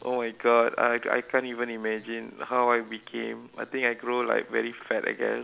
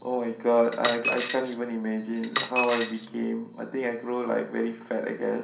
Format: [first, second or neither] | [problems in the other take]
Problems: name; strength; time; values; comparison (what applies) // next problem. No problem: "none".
first | background sound (Coin (dropping)); 4 dB below the speech // room echo; dies away in 0.6 s